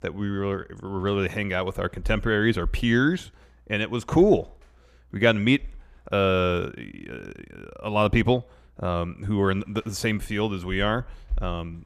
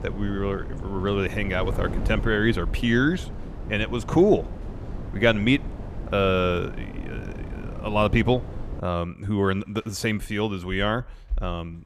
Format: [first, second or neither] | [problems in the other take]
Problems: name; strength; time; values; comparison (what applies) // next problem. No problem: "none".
first | wind noise on the microphone; occasional gusts; until 9 s; 15 dB below the speech